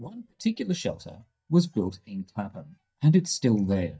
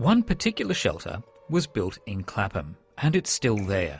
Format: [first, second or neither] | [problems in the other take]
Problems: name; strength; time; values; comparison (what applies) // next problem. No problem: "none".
second | noise reduction (neural mask model DeepFilterNet 3)